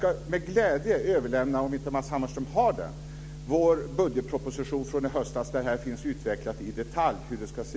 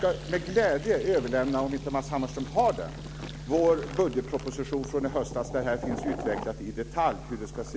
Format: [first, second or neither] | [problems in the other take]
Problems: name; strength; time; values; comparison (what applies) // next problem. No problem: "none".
first | background sound (Fill (with liquid)); 14 dB below the speech